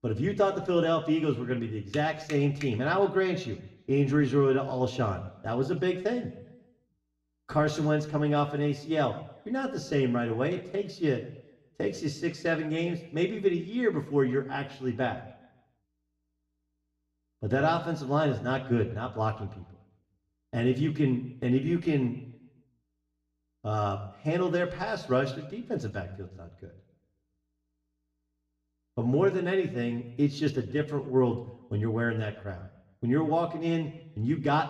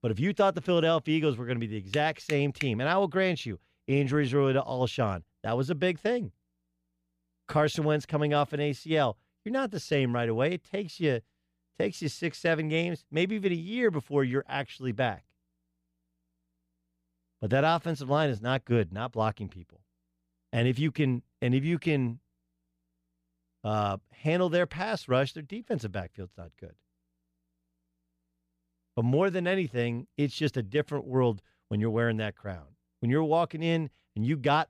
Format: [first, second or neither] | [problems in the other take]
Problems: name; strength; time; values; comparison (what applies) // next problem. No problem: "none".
second | room echo; very slight; dies away in 0.6 s // off-mic speech; somewhat distant